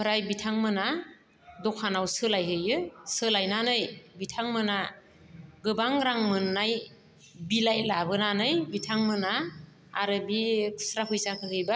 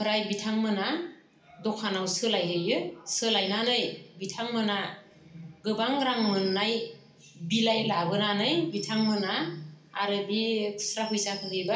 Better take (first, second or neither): first